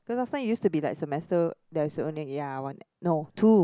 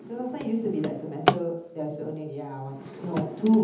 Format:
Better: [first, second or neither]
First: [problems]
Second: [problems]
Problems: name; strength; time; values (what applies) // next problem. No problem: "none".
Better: first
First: none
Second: background sound (Drawer open or close); 5 dB below the speech // room echo; dies away in 1.3 s